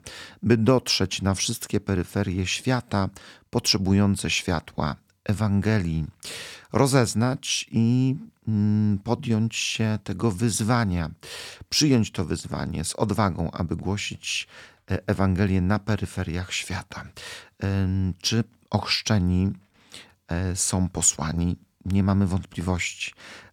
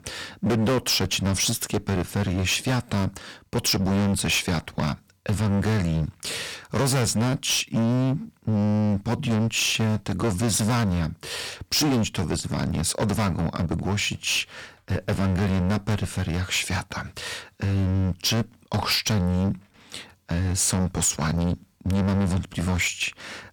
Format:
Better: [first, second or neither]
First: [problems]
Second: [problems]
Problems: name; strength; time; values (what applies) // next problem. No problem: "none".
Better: first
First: none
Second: distortion; heavy; 18% of the sound clipped